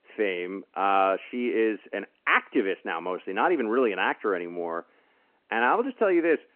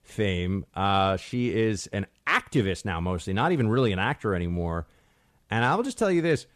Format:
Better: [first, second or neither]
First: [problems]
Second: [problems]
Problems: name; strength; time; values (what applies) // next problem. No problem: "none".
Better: second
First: phone-call audio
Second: none